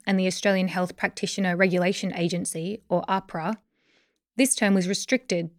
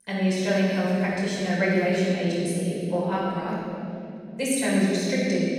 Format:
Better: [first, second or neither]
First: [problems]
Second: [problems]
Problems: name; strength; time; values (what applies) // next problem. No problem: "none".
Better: first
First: none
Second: off-mic speech; far // room echo; strong; dies away in 3 s